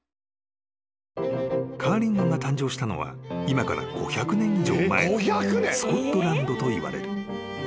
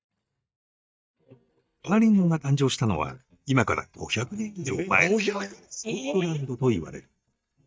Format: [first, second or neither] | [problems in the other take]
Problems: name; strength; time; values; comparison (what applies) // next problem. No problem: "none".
first | noise reduction (neural mask model DeepFilterNet 3)